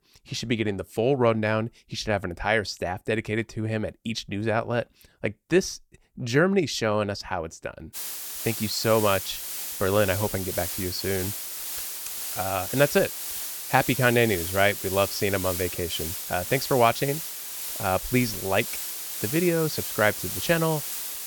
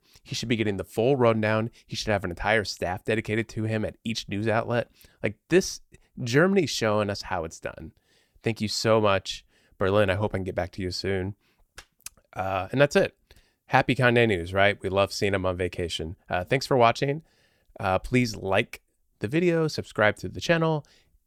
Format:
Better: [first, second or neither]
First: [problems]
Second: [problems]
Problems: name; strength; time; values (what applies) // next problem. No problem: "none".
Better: second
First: hiss; loud; from 8 s on; 5 dB below the speech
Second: none